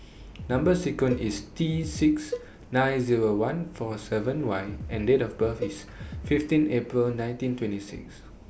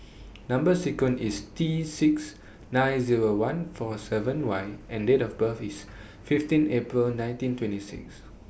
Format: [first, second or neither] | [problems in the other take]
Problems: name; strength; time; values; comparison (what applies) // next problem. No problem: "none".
second | background sound (Drum kit + Cowbell); 12 dB below the speech